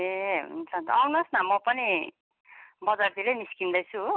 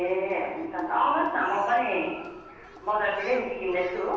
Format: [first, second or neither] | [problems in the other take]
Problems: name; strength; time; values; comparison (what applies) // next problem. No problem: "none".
first | background sound (Human group actions); 20 dB below the speech // room echo; dies away in 1.1 s